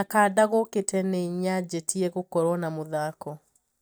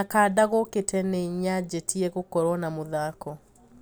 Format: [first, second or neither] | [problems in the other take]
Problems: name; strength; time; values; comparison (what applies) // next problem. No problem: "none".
second | noise reduction (neural mask model DeepFilterNet 3)